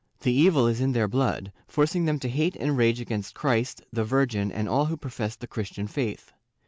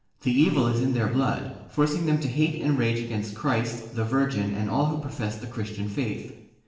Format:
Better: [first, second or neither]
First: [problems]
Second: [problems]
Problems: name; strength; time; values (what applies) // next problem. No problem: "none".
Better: first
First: none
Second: room echo; dies away in 0.9 s